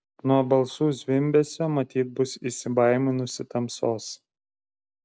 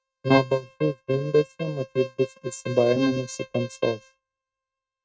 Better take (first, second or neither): first